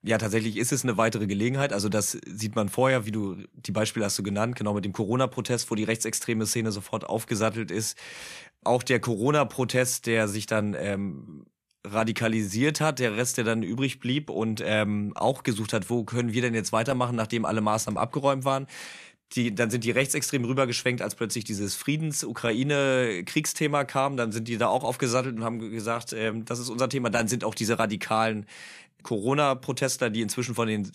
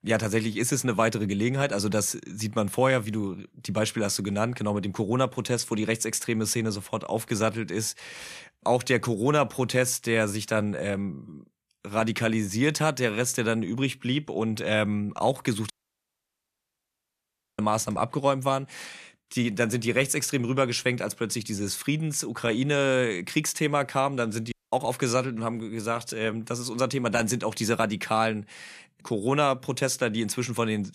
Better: first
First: none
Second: audio cutting out; at 16 s for 2 s and at 25 s

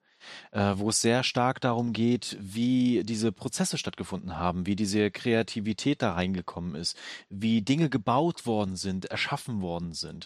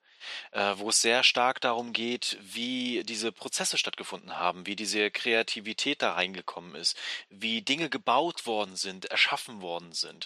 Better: first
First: none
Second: thin; somewhat; fading below 450 Hz

